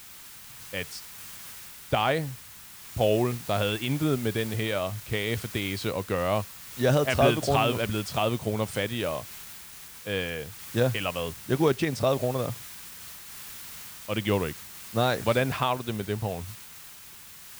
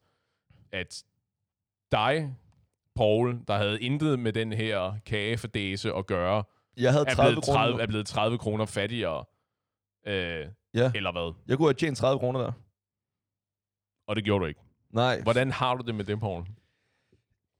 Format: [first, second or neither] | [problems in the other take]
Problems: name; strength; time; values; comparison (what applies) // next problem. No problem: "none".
second | hiss; noticeable; throughout; 15 dB below the speech